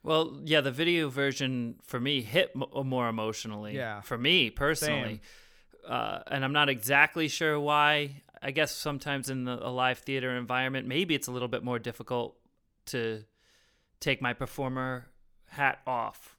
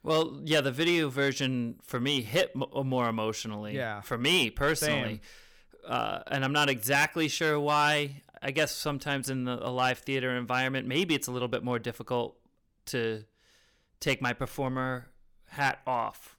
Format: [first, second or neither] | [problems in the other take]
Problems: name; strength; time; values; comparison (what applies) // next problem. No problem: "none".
first | distortion; slight; 2% of the sound clipped